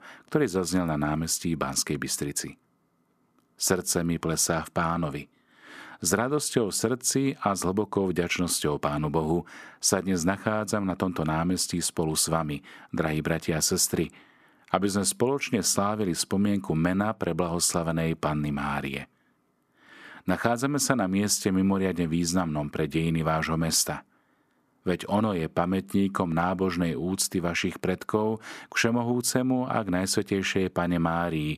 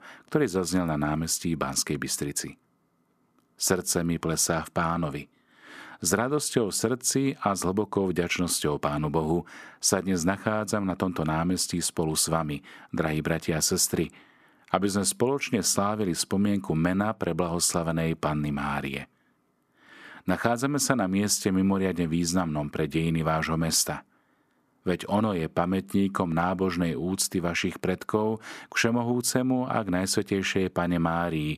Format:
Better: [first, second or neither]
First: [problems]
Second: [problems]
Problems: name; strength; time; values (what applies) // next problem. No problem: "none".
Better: neither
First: none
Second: none